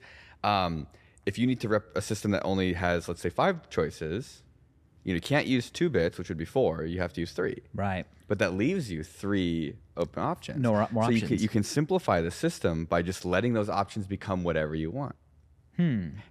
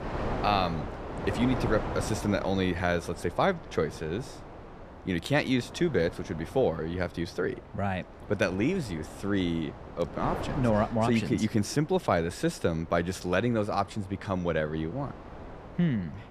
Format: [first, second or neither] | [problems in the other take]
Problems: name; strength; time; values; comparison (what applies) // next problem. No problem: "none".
first | wind noise on the microphone; occasional gusts; 10 dB below the speech